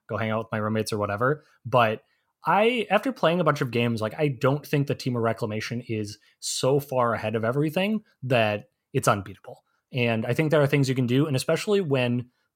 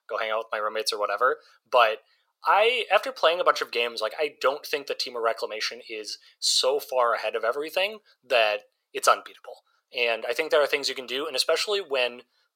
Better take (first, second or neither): first